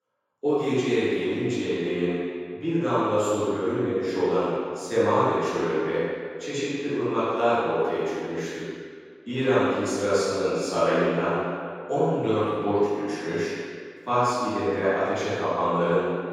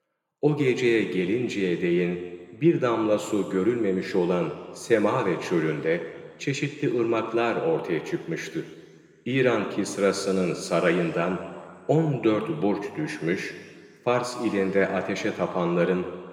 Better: second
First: room echo; strong; dies away in 1.8 s // off-mic speech; far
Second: room echo; slight; dies away in 2 s

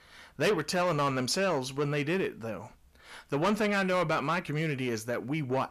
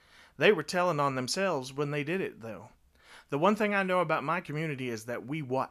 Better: second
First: distortion; heavy; 8 dB below the speech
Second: none

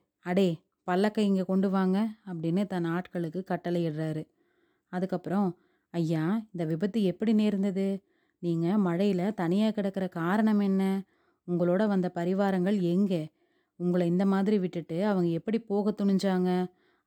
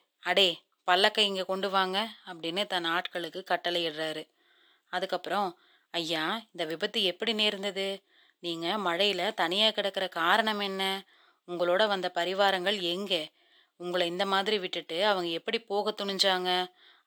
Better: first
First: none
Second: thin; very; fading below 700 Hz

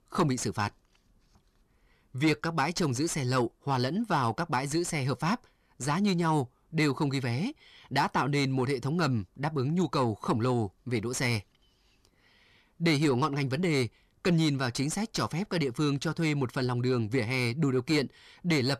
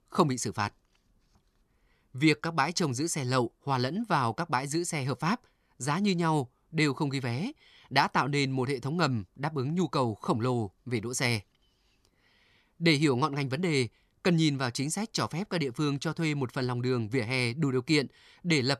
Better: second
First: distortion; slight; 10 dB below the speech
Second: none

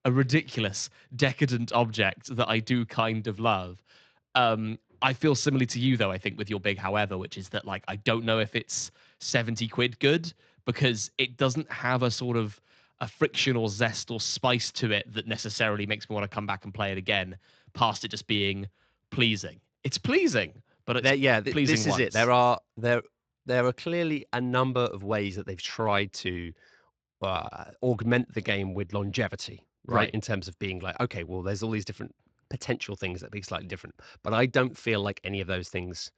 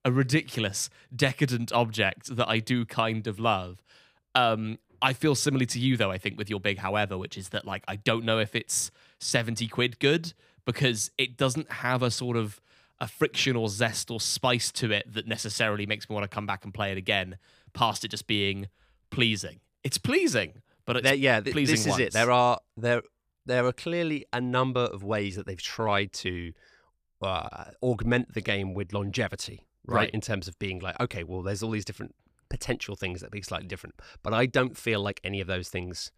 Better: second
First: garbled, watery; slightly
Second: none

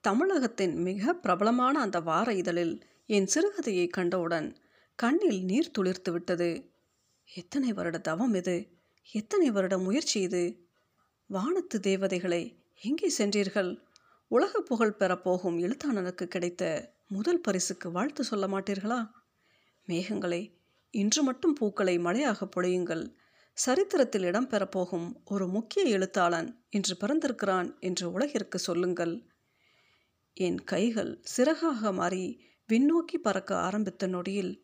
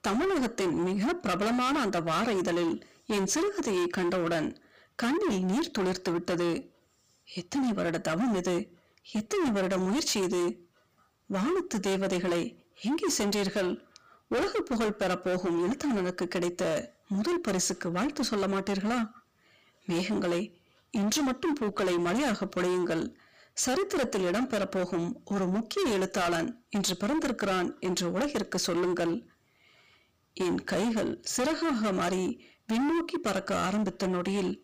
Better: first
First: none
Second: distortion; heavy; 27% of the sound clipped

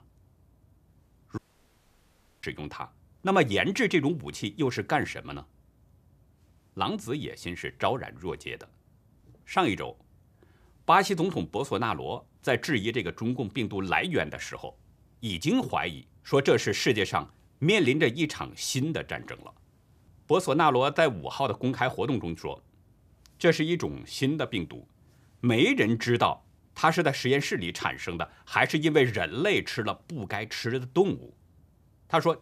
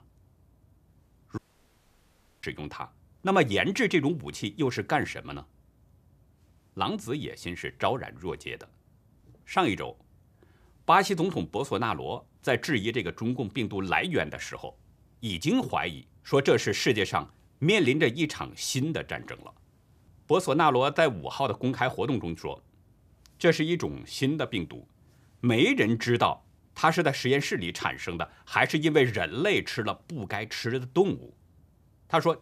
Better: neither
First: audio cutting out; at 1.5 s for 1 s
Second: audio cutting out; at 1.5 s for 1 s

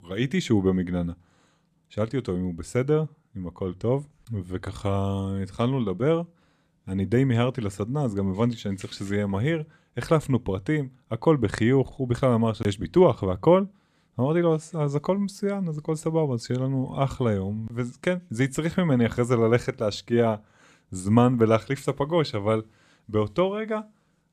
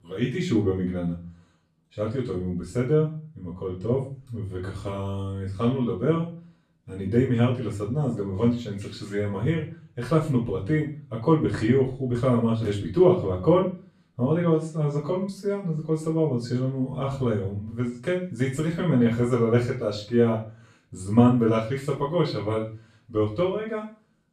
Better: first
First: none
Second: room echo; slight; dies away in 0.3 s // off-mic speech; far

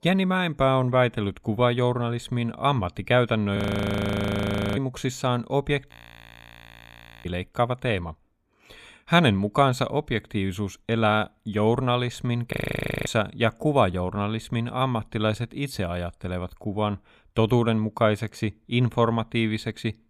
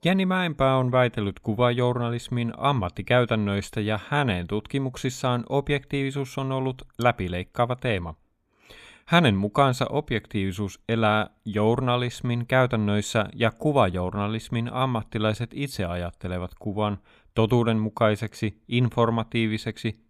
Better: second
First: audio freezing; at 3.5 s for 1 s, at 6 s for 1.5 s and at 13 s for 0.5 s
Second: none

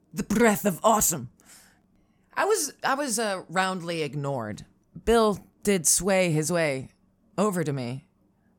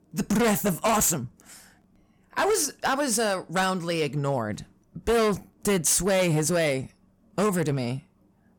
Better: first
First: none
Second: distortion; heavy; 10% of the sound clipped

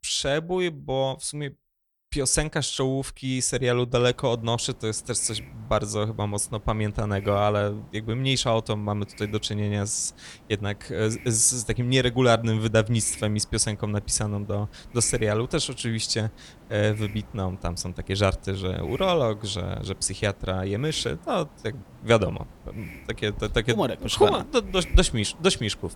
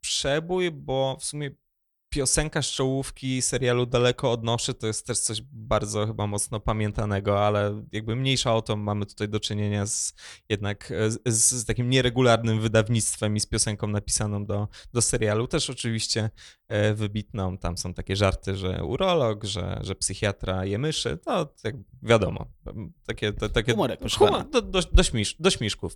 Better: second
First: hiss; faint; from 4 s on; 25 dB below the speech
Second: none

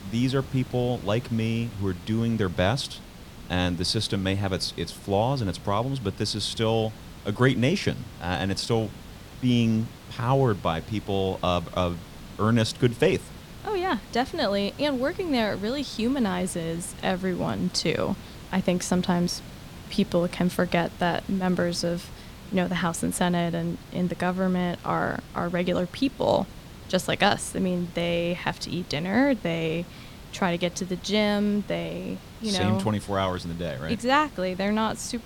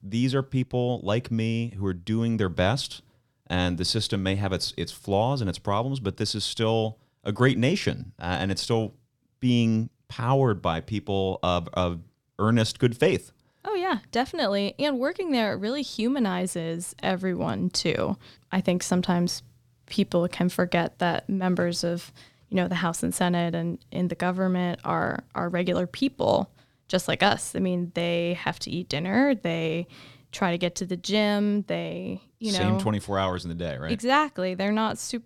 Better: second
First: hiss; noticeable; throughout; 15 dB below the speech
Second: none

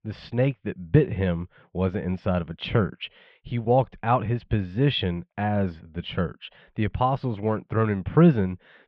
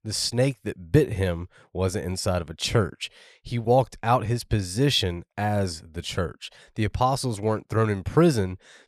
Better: second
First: muffled; very; fading above 3 kHz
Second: none

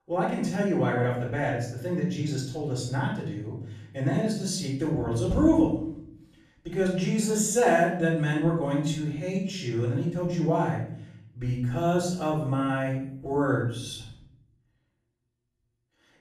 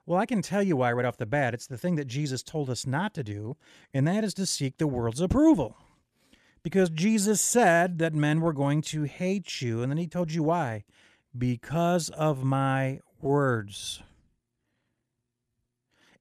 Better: second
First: off-mic speech; far // room echo; noticeable; dies away in 0.7 s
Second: none

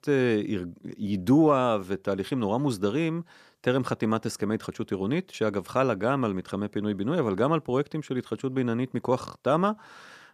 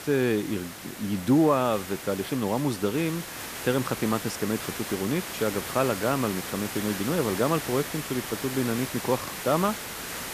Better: first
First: none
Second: hiss; loud; throughout; 7 dB below the speech

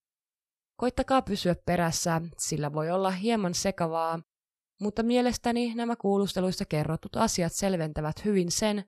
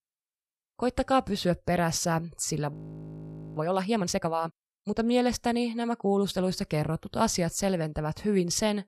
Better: first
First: none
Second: audio freezing; at 2.5 s for 1 s

